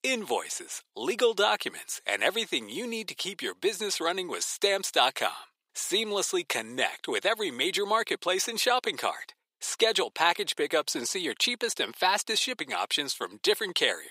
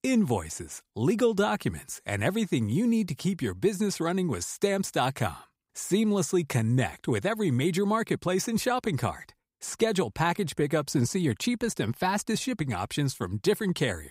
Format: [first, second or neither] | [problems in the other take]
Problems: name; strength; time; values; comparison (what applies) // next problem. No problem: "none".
second | thin; very; fading below 450 Hz